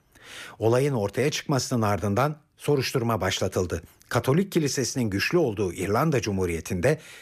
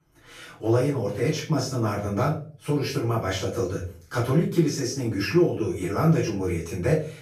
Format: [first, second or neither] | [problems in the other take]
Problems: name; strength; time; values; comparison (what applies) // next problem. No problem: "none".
first | room echo; slight; dies away in 0.3 s // off-mic speech; far